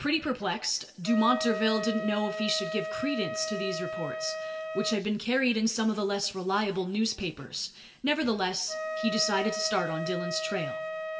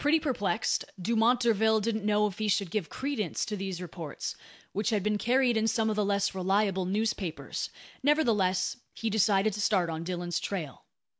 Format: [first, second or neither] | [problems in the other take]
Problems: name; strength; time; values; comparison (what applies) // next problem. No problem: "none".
second | background sound (Wind instrument, woodwind instrument); 7 dB below the speech // room echo; dies away in 0.8 s